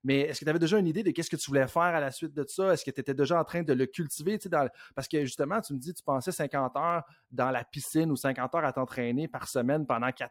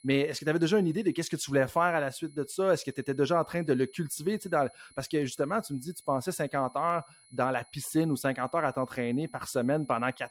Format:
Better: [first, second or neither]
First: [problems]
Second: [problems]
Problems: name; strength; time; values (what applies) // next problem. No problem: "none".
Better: first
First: none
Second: high-pitched whine; faint; throughout; 10 kHz, 25 dB below the speech